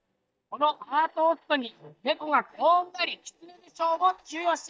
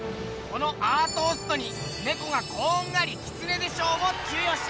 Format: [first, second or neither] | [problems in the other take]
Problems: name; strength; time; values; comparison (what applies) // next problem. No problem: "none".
second | noise reduction (neural mask model DeepFilterNet 3)